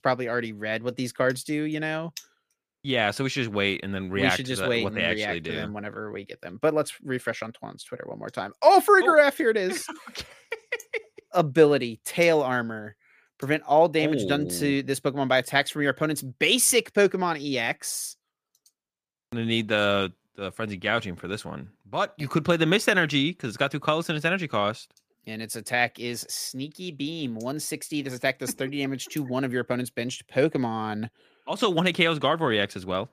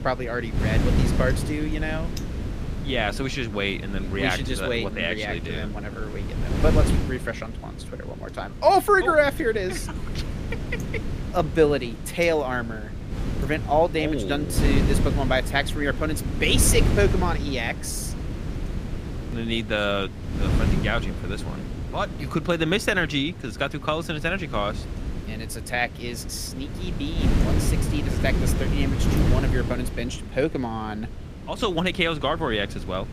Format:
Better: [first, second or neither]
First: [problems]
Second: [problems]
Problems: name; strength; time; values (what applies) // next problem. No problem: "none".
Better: first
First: none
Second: wind noise on the microphone; occasional gusts; 10 dB below the speech